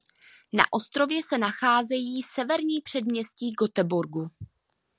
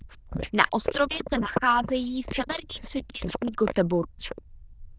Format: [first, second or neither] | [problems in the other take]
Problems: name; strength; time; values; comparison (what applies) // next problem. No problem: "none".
first | noise reduction (neural diffusion model UNIVERSE++)